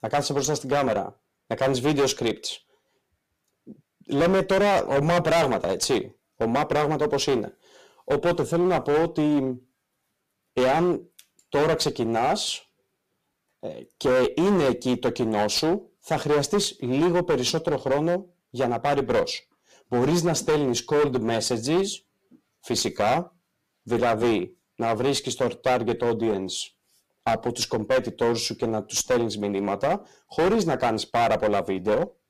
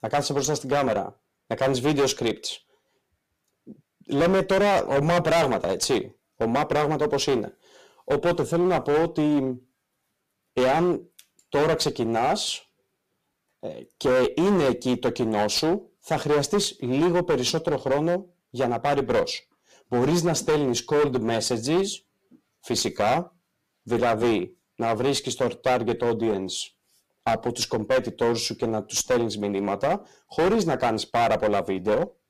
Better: neither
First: distortion; heavy; 13% of the sound clipped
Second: distortion; heavy; 13% of the sound clipped

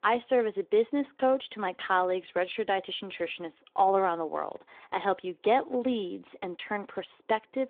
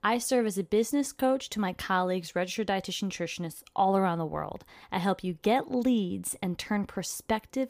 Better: second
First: phone-call audio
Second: none

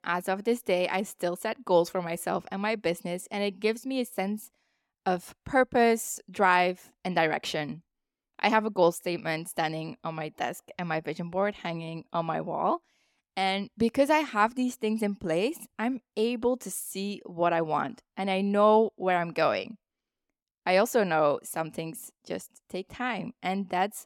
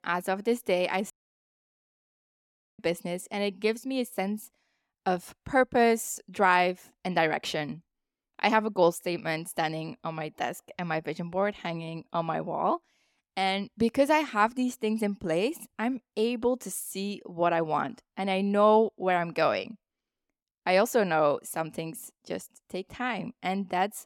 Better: first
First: none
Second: audio cutting out; at 1 s for 1.5 s

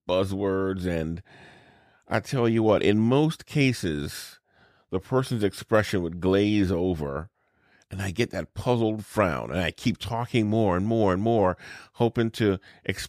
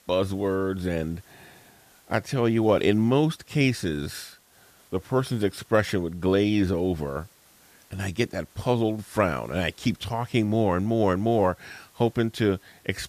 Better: first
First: none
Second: hiss; faint; throughout; 30 dB below the speech

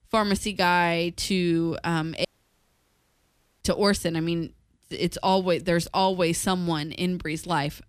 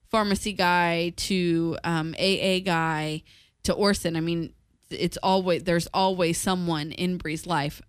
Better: second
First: audio cutting out; at 2.5 s for 1.5 s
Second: none

